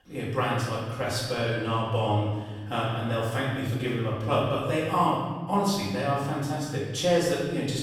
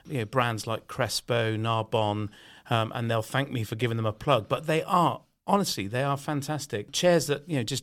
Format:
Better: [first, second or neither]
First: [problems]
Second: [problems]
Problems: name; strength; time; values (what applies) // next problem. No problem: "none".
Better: second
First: off-mic speech; far // room echo; noticeable; dies away in 1.4 s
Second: none